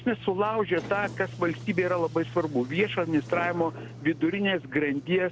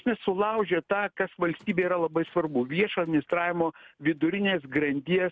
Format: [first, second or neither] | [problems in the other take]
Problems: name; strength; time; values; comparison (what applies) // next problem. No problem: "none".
second | background sound (Sliding door); 13 dB below the speech